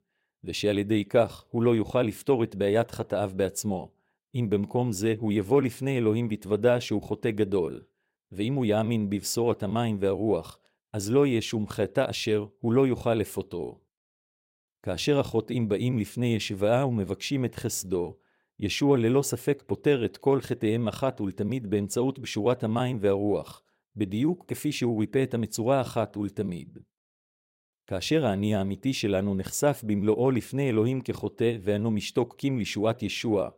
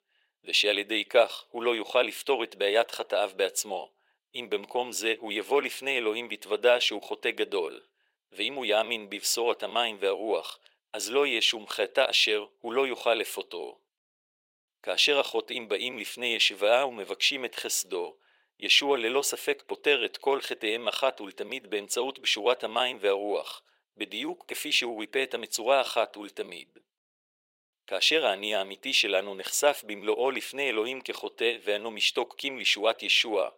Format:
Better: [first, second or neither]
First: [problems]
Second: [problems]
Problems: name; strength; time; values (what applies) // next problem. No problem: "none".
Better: first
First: none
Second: thin; very; fading below 500 Hz